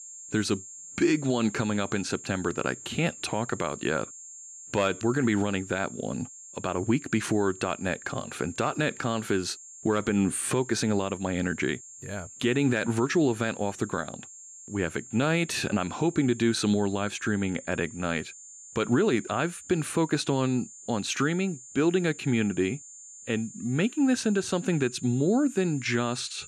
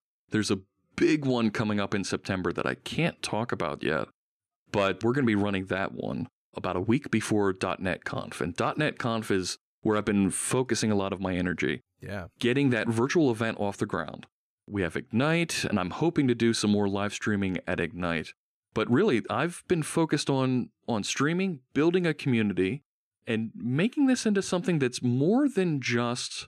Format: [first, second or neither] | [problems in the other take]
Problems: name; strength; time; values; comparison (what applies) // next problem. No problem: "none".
second | high-pitched whine; noticeable; throughout; 7.5 kHz, 15 dB below the speech